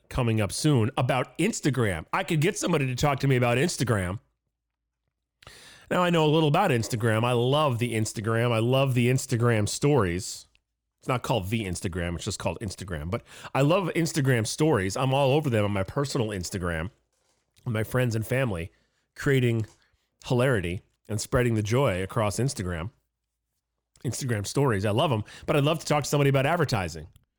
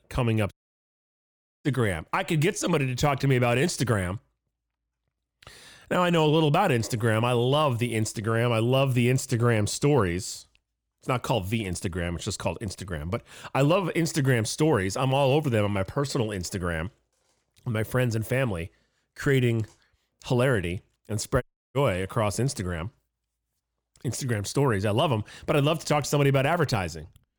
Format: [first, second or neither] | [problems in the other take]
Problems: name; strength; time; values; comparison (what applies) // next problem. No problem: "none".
first | audio cutting out; at 0.5 s for 1 s and at 21 s